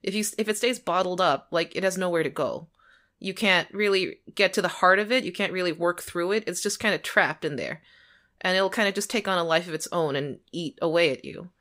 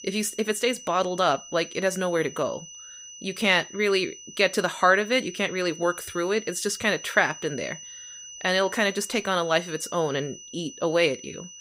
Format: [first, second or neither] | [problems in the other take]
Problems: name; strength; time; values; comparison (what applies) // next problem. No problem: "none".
first | high-pitched whine; noticeable; throughout; 6 kHz, 15 dB below the speech